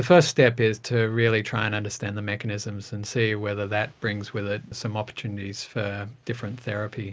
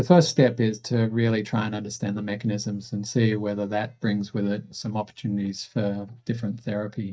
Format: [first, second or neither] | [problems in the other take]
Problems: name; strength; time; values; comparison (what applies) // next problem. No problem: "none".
first | noise reduction (neural mask model DeepFilterNet 3)